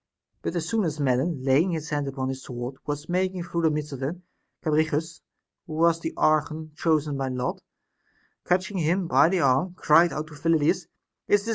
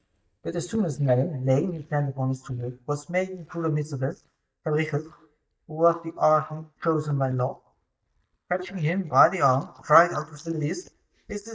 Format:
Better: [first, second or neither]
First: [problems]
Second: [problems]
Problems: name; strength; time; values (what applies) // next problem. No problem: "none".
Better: first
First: none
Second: noise reduction (neural mask model DeepFilterNet 3)